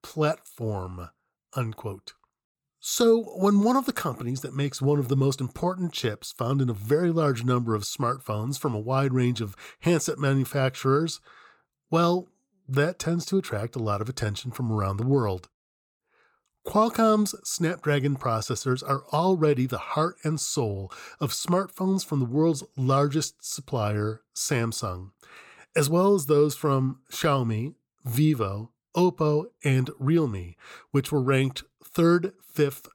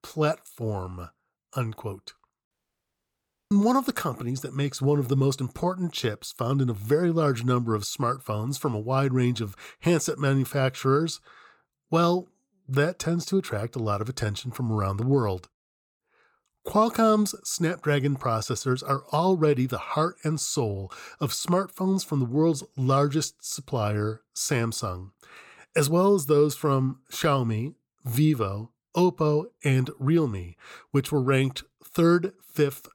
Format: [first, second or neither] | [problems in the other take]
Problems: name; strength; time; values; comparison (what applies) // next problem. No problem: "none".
first | audio cutting out; at 2.5 s for 1 s